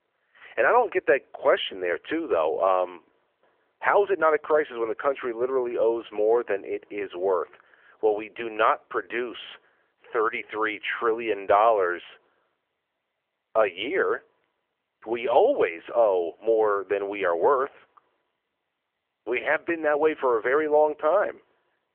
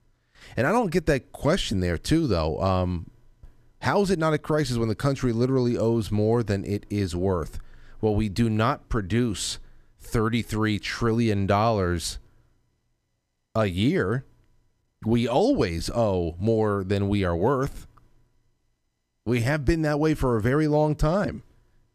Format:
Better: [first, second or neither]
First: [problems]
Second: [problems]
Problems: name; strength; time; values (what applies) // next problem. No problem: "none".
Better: second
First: phone-call audio; nothing above 3.5 kHz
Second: none